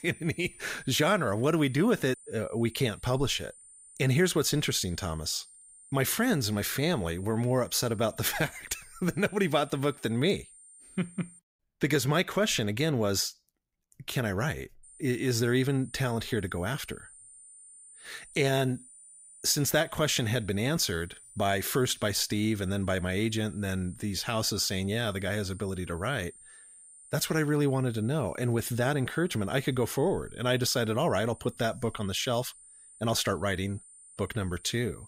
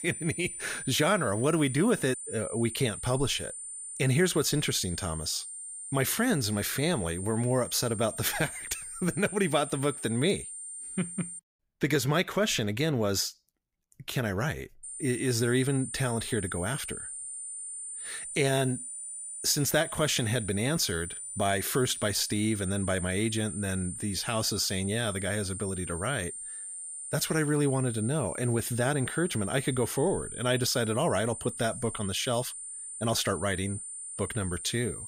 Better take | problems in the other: first | high-pitched whine; loud; until 11 s and from 15 s on; 9 kHz, 8 dB below the speech; faint in the first

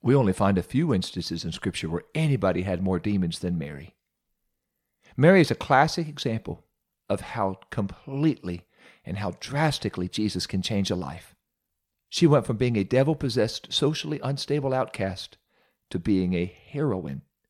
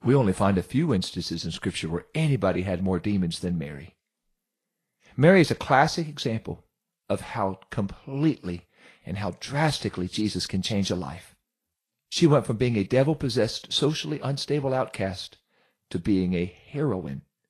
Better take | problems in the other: first | garbled, watery; slightly

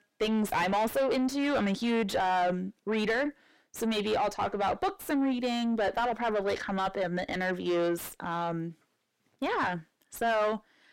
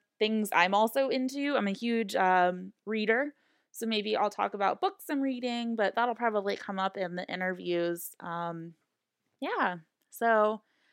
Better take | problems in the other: second | distortion; heavy; 5 dB below the speech

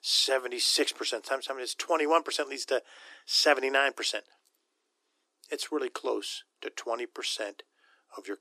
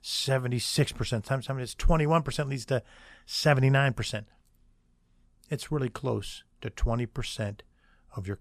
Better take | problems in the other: second | thin; very; fading below 300 Hz

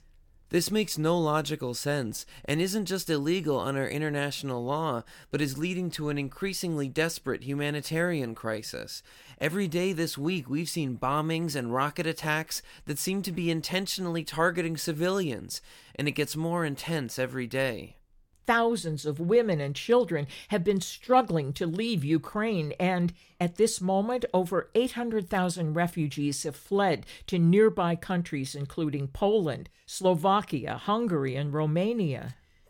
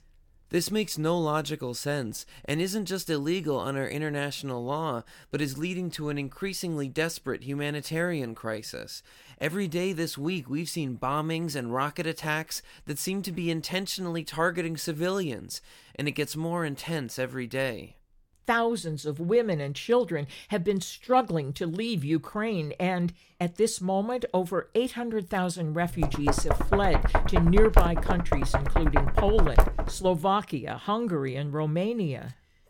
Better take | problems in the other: first | door banging; loud; from 26 to 30 s; peak 4 dB above the speech

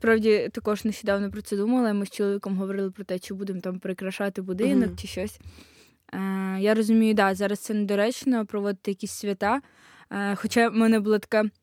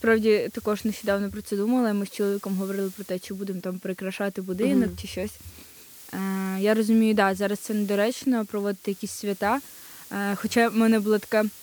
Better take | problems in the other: first | hiss; noticeable; throughout; 20 dB below the speech

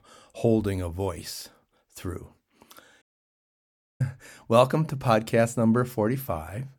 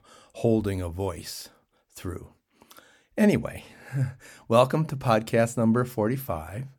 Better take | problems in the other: second | audio cutting out; at 3 s for 1 s

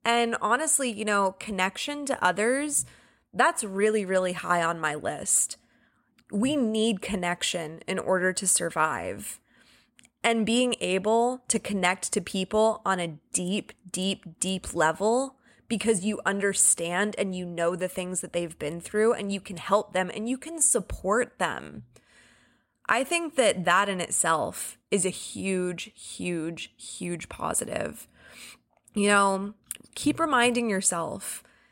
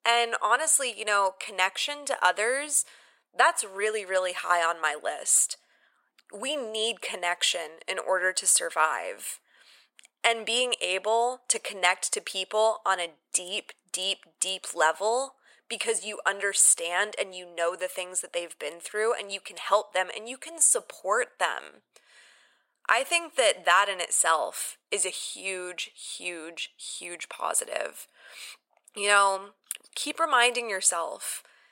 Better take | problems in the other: first | thin; very; fading below 500 Hz

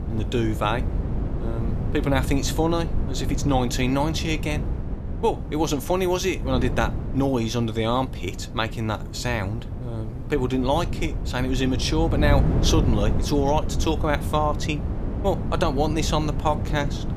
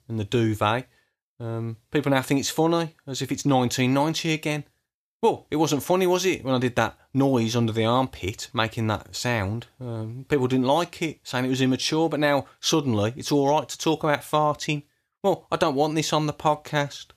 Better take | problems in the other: second | wind noise on the microphone; occasional gusts; 10 dB below the speech

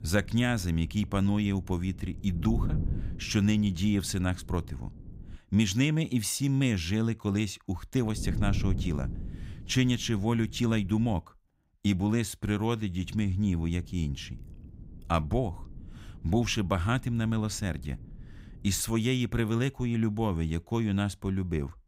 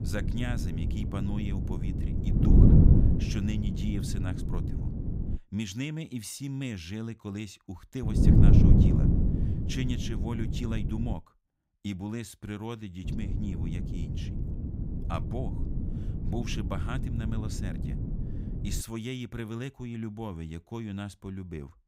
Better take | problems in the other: first | wind noise on the microphone; heavy; until 5.5 s, from 8 to 11 s and from 13 to 19 s; 2 dB above the speech; occasional gusts in the first

